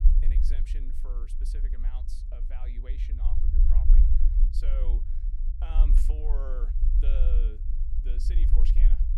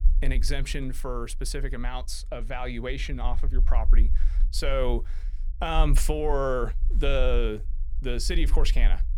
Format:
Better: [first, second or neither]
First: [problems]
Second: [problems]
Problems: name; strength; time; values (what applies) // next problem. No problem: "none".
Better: second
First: low rumble; loud; throughout; 2 dB below the speech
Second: low rumble; faint; throughout; 25 dB below the speech